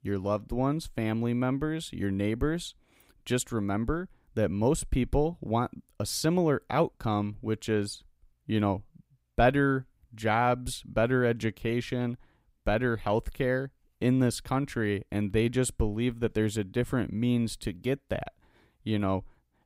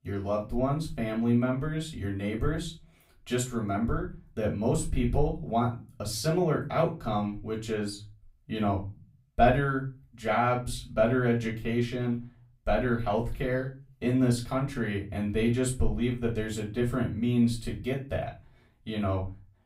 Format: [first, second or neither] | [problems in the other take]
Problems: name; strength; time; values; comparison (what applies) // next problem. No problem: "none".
first | off-mic speech; far // room echo; very slight; dies away in 0.3 s